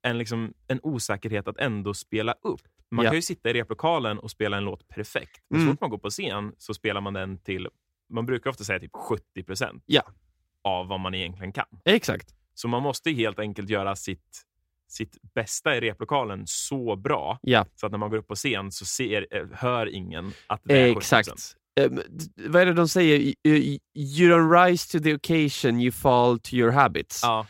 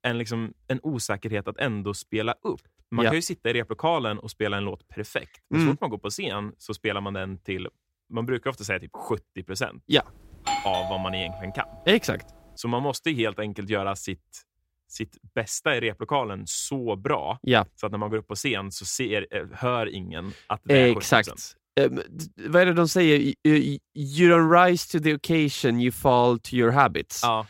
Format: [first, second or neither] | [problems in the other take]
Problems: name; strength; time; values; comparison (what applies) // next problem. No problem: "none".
first | doorbell; noticeable; from 10 to 12 s; peak 3 dB below the speech